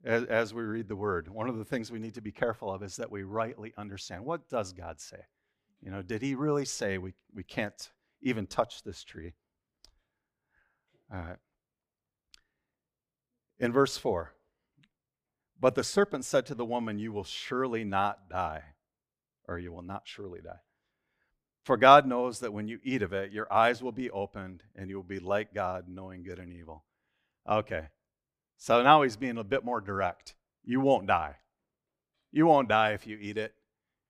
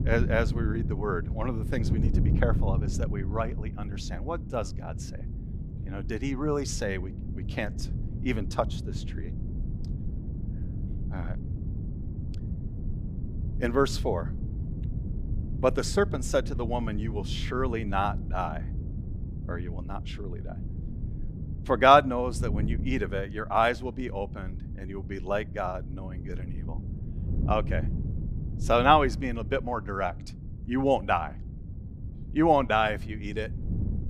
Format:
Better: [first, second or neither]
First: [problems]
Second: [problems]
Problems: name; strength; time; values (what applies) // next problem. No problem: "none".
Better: first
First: none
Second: wind noise on the microphone; occasional gusts; 20 dB below the speech